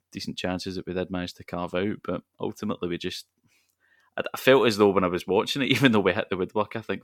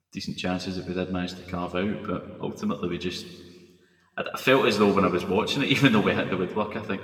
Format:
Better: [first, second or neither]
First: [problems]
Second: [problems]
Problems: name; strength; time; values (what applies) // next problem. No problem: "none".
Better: first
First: none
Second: room echo; slight; dies away in 1.5 s // off-mic speech; somewhat distant